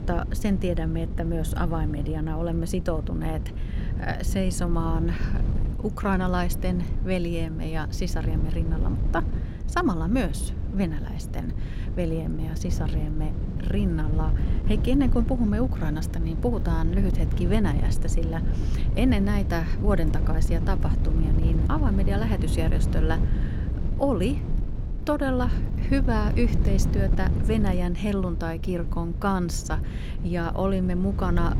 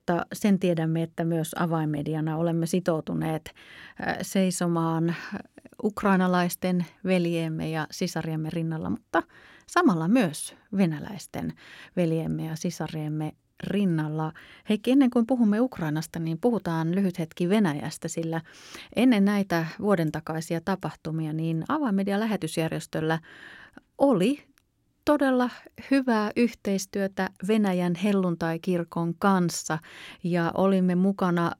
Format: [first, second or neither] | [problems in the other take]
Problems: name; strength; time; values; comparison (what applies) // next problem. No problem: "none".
second | wind noise on the microphone; heavy; 9 dB below the speech